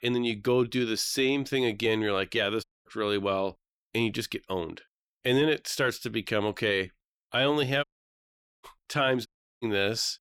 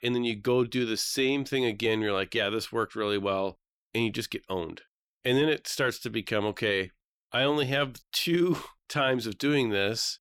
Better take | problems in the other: second | audio cutting out; at 2.5 s, at 8 s for 1 s and at 9.5 s

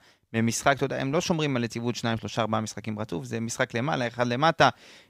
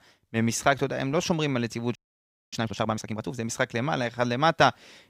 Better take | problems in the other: first | audio freezing; at 2 s for 0.5 s

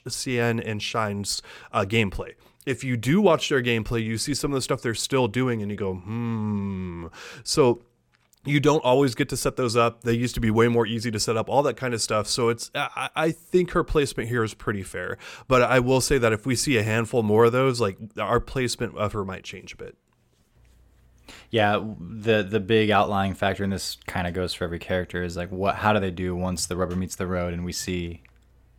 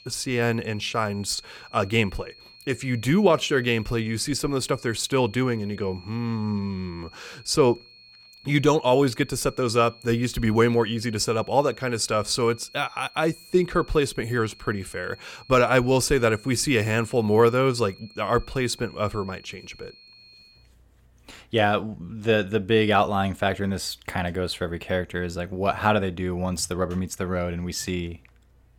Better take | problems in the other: first | high-pitched whine; faint; until 21 s; 4.5 kHz, 25 dB below the speech

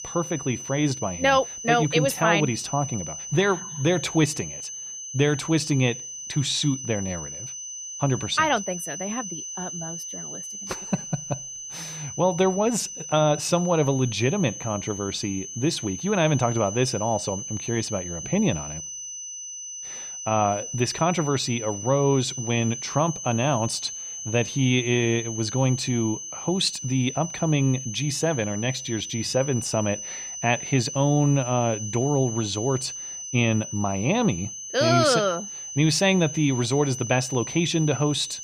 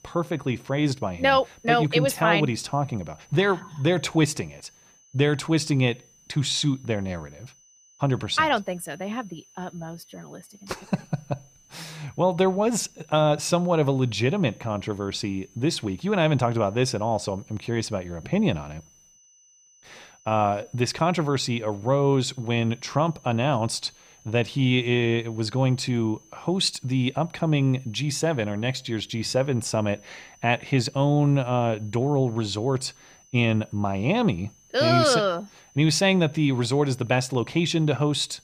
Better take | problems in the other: second | high-pitched whine; loud; throughout; 6 kHz, 8 dB below the speech; faint in the second

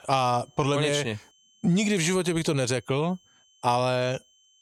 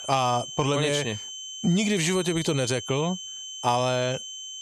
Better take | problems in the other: first | high-pitched whine; loud; throughout; 3 kHz, 9 dB below the speech; faint in the first

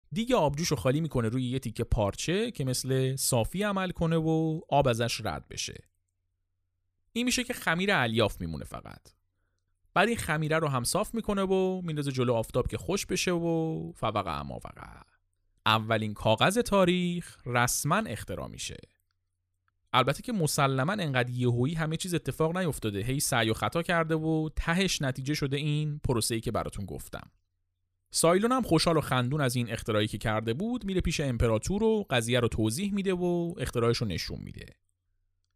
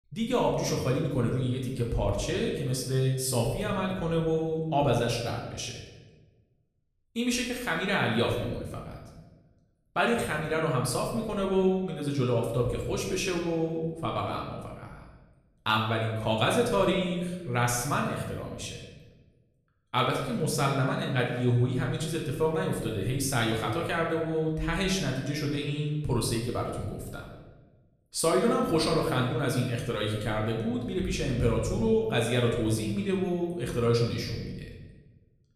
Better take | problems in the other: first | room echo; noticeable; dies away in 1 s // off-mic speech; somewhat distant

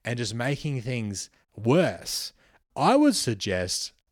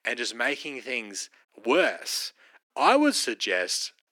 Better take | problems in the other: first | thin; very slightly; fading below 300 Hz

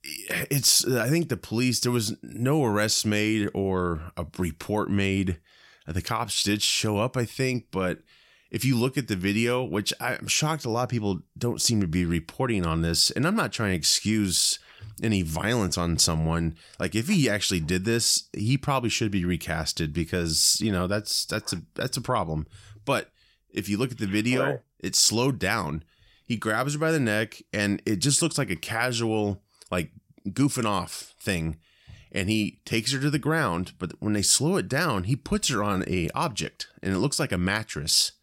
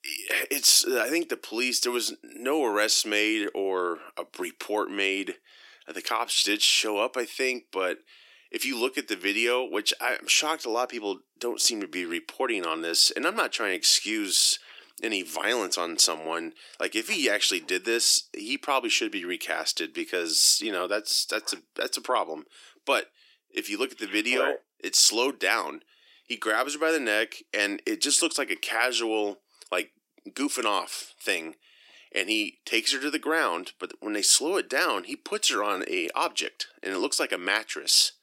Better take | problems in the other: first | thin; somewhat; fading below 300 Hz

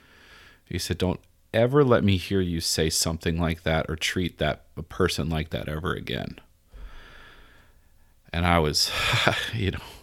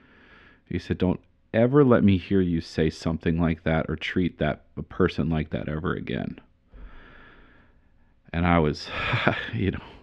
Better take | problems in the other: first | muffled; very; fading above 2.5 kHz

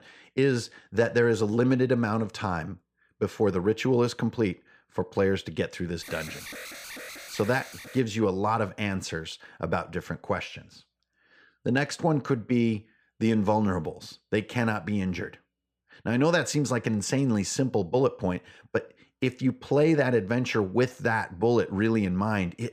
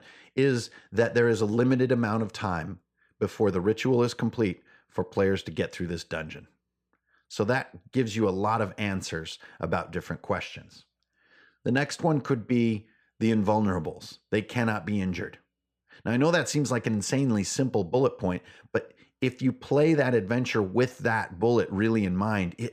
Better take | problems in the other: second | alarm; faint; from 6 to 8 s; peak 10 dB below the speech

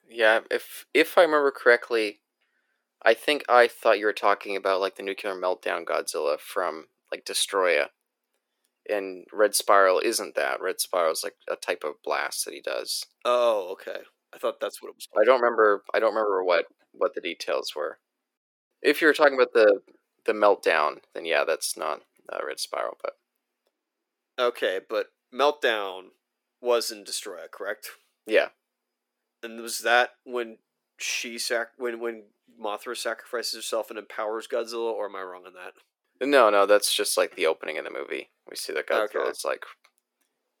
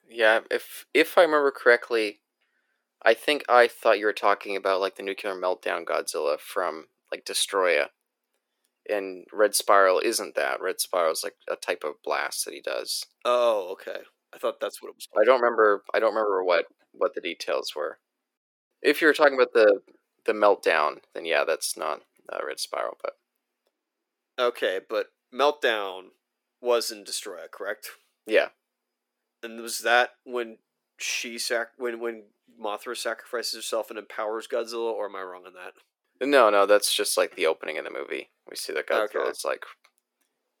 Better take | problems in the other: neither | thin; somewhat; fading below 350 Hz; the same in both

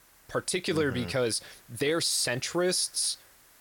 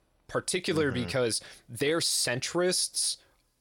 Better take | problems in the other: second | hiss; faint; throughout; 25 dB below the speech

